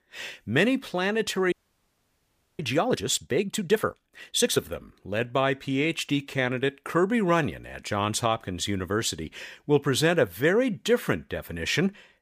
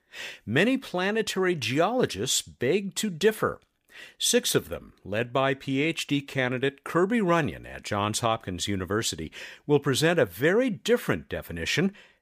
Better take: second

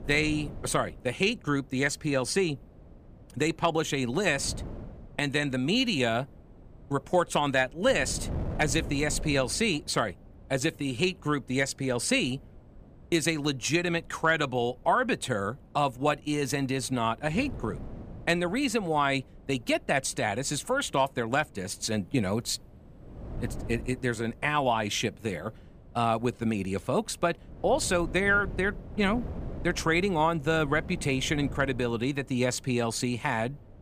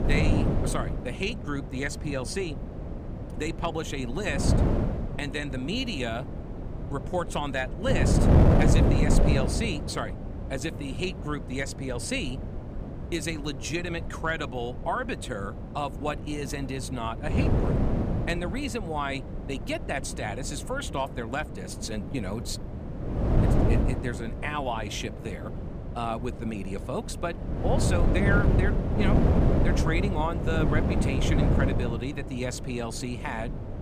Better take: first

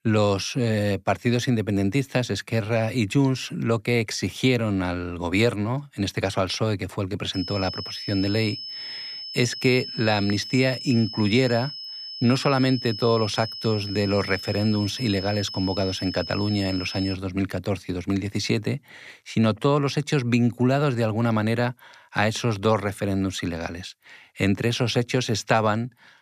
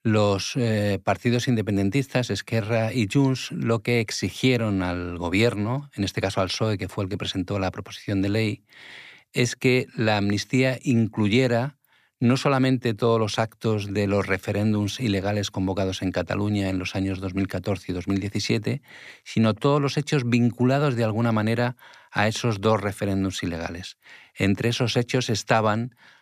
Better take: second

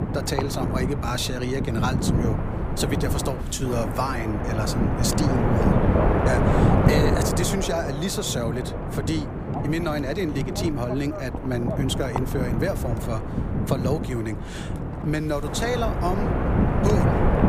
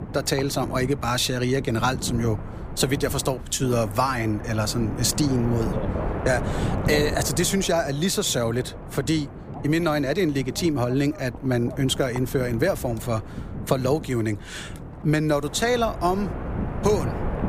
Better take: second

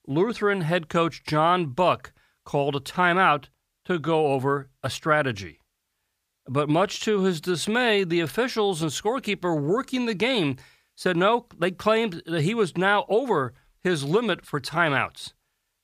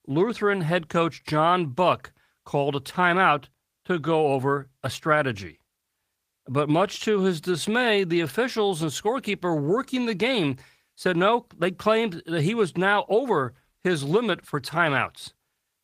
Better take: first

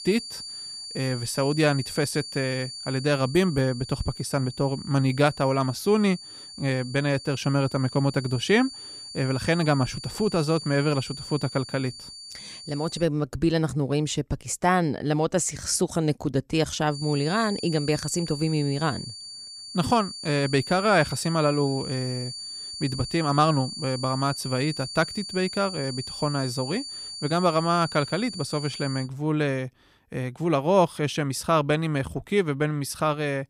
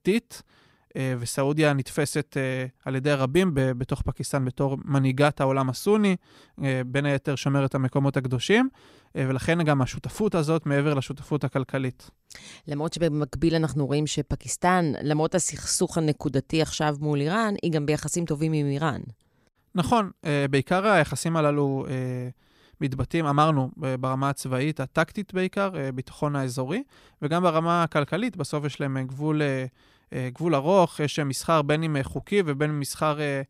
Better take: second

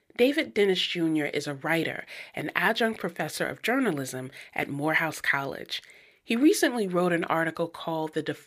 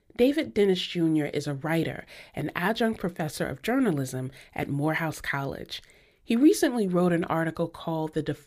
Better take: second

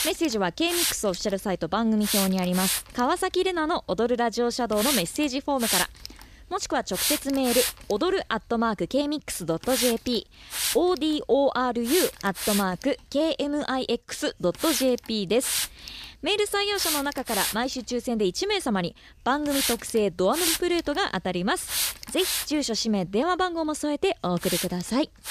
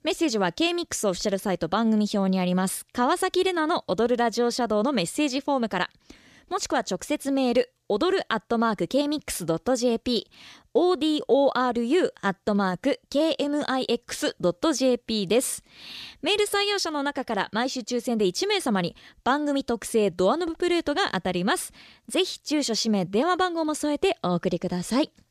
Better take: second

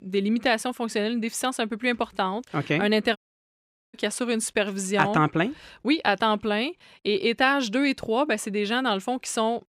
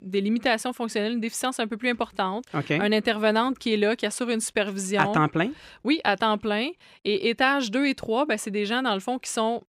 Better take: second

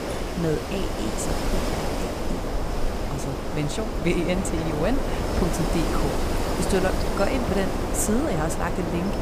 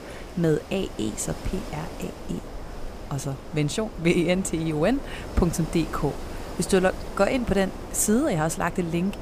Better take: second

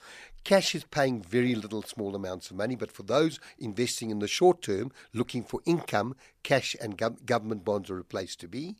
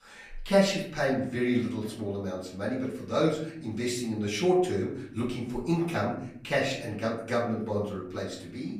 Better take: first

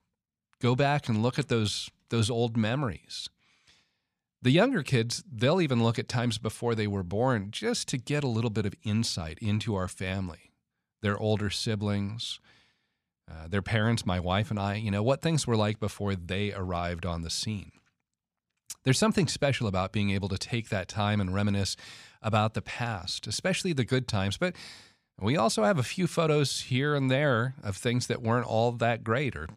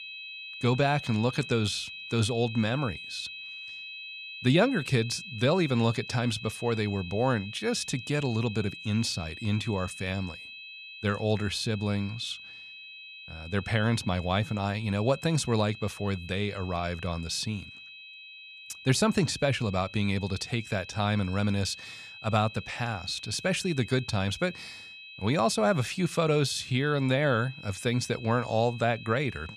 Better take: first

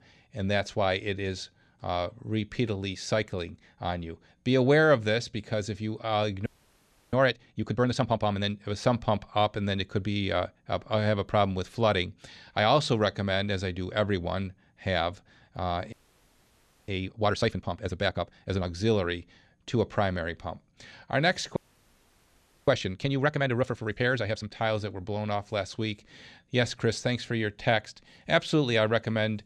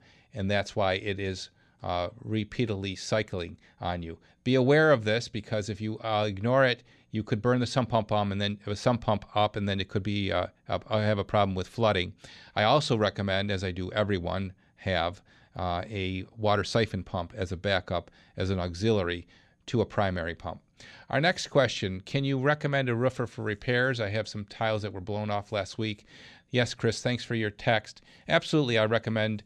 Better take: second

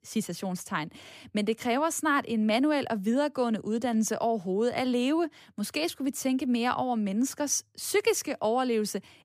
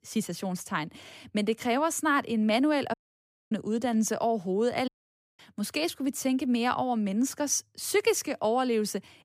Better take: first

